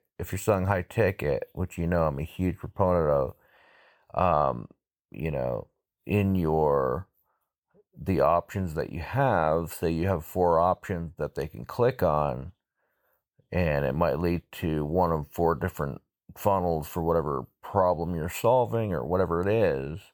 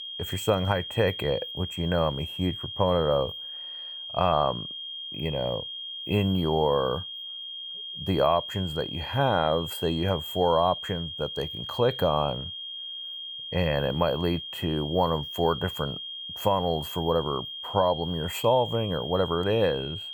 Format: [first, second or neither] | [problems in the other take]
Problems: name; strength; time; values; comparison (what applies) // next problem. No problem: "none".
first | high-pitched whine; loud; throughout; 3 kHz, 7 dB below the speech